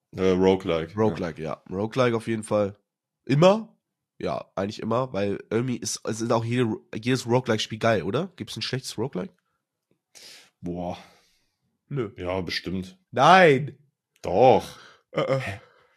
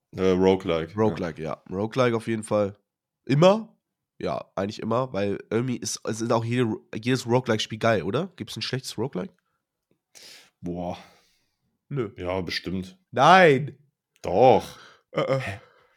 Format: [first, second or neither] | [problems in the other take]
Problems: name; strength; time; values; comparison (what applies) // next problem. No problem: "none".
second | garbled, watery; slightly; nothing above 12.5 kHz